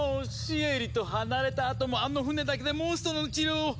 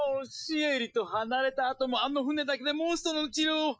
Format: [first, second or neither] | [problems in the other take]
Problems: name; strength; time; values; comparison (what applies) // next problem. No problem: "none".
first | noise reduction (classical method Wiener filter)